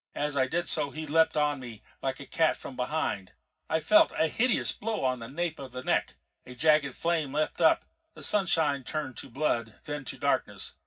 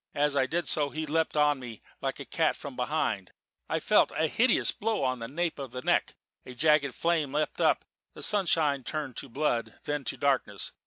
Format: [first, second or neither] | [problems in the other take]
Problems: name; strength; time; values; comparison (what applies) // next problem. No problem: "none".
second | room echo; dies away in 0.4 s